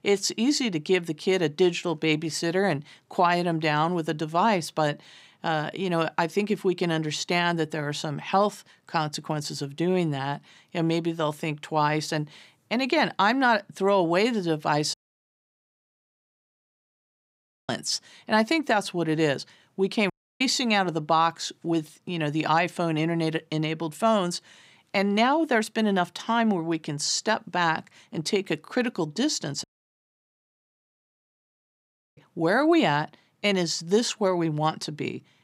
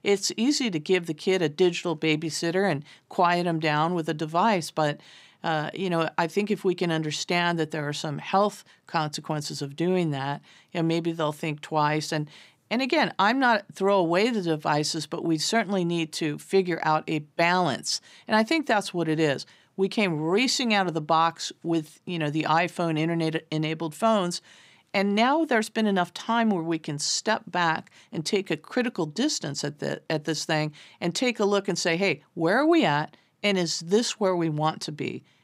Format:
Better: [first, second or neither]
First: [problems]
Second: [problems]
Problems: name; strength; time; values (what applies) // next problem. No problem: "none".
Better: second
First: audio cutting out; at 15 s for 2.5 s, at 20 s and at 30 s for 2.5 s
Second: none